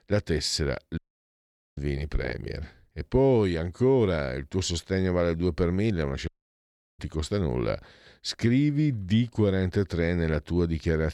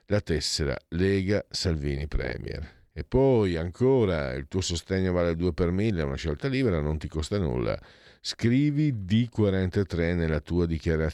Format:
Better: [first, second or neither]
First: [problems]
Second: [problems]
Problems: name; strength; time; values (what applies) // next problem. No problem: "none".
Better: second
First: audio cutting out; at 1 s for 1 s and at 6.5 s for 0.5 s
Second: none